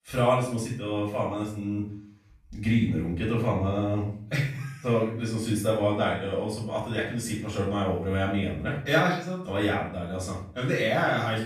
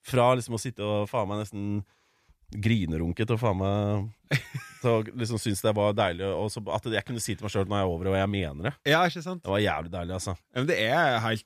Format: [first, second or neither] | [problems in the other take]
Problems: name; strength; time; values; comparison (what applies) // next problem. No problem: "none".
second | off-mic speech; far // room echo; noticeable; dies away in 0.4 s